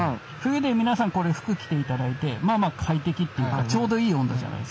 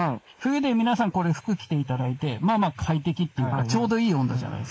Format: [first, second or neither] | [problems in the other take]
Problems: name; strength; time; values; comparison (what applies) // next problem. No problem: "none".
first | noise reduction (neural mask model Resemble Enhance denoiser)